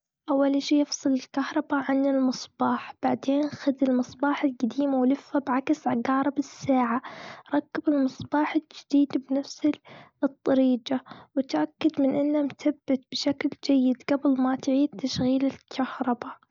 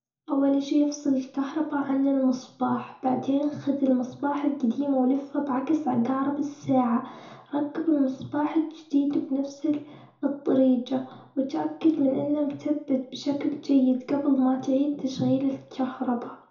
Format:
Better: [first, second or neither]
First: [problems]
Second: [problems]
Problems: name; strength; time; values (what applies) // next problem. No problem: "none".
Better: first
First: none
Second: room echo; dies away in 0.6 s